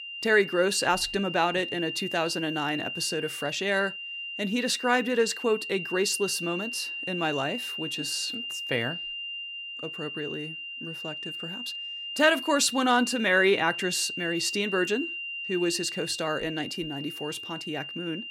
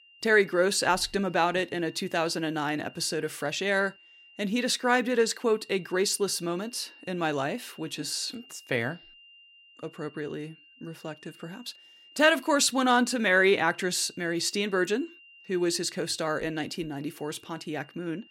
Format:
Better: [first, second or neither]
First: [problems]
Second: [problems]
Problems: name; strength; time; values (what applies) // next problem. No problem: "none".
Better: second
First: high-pitched whine; loud; throughout; 3 kHz, 7 dB below the speech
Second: high-pitched whine; faint; throughout; 3 kHz, 25 dB below the speech